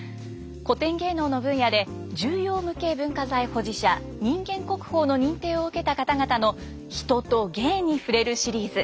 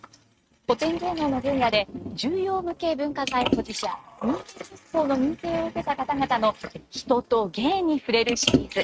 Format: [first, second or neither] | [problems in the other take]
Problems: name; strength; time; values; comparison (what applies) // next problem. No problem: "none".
first | noise reduction (neural mask model RNNoise)